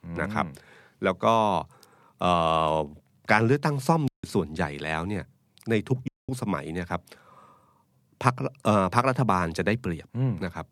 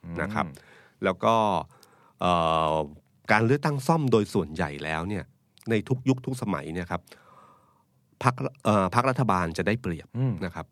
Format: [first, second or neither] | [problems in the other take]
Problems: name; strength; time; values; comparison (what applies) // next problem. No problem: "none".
second | audio cutting out; at 4 s and at 6 s